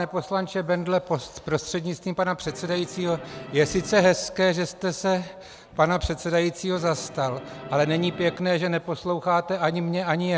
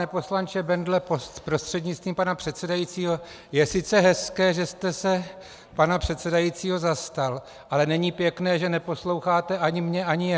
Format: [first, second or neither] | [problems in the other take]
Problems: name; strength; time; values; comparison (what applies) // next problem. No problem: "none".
second | background sound (Musical instrument); 14 dB below the speech